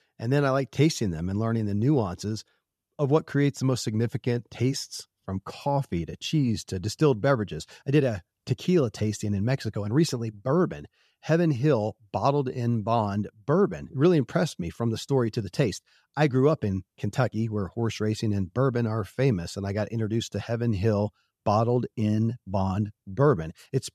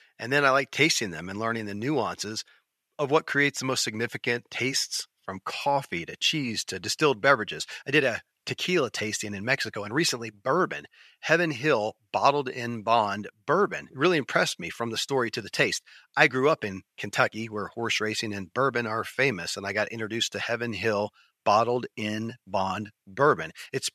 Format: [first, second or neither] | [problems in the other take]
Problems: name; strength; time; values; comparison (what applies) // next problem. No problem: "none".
first | thin; somewhat; fading below 900 Hz